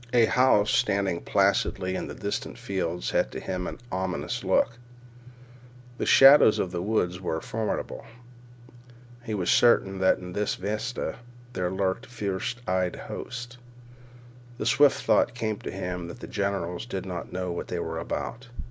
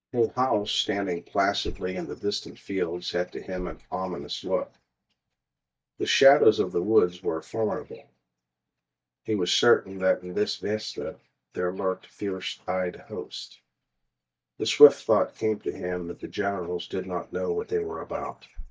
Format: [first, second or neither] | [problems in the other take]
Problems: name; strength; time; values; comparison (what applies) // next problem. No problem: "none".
first | noise reduction (neural mask model DeepFilterNet 3)